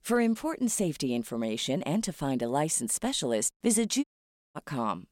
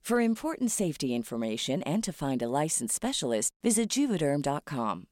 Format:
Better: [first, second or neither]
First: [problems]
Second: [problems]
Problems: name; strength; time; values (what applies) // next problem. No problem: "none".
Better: second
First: audio cutting out; at 4 s for 0.5 s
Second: none